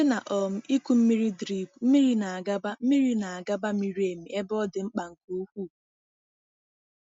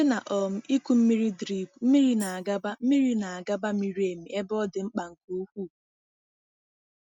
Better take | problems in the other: first | background sound (Tambourine); 19 dB below the speech

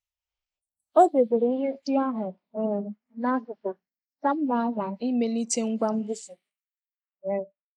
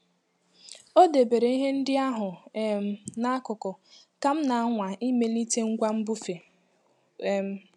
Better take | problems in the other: second | noise reduction (neural mask model Resemble Enhance denoiser)

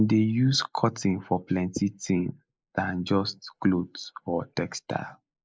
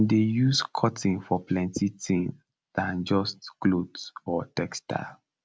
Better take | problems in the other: second | noise reduction (neural mask model Resemble Enhance denoiser)

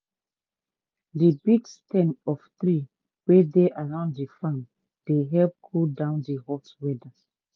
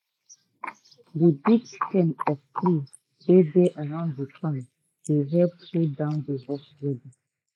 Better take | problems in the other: first | noise reduction (neural mask model Resemble Enhance denoiser)

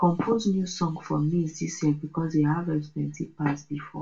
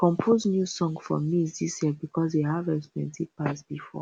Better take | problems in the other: second | room echo; dies away in 0.2 s

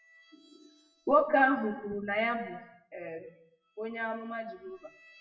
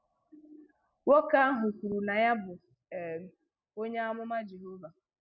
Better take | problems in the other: second | noise reduction (classical method WPE with log-MMSE)

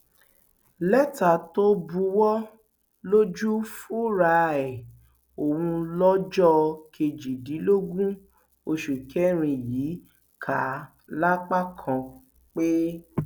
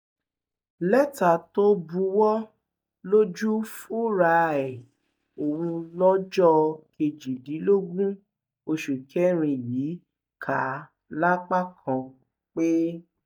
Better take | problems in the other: first | noise reduction (neural mask model DeepFilterNet 3)

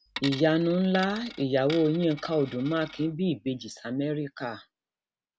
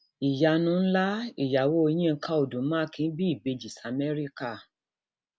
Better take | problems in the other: second | background sound (Coin (dropping)); 15 dB below the speech

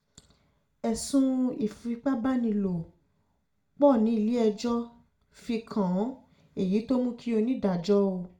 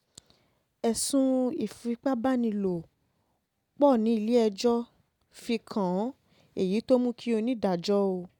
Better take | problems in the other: second | room echo; dies away in 0.4 s

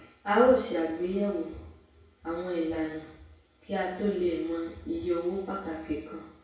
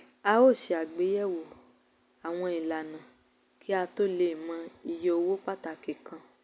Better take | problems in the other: second | room echo; dies away in 0.6 s

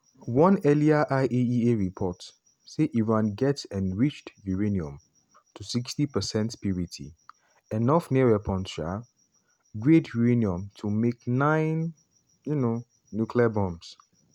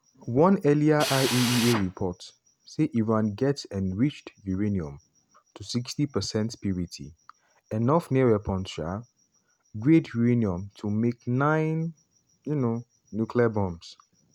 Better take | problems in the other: first | background sound (Drill); 5 dB below the speech

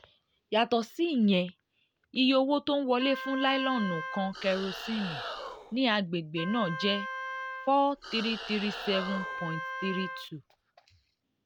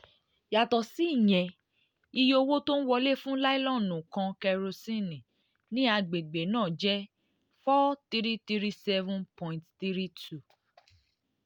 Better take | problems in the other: second | background sound (Wind instrument, woodwind instrument + Animal); 9 dB below the speech

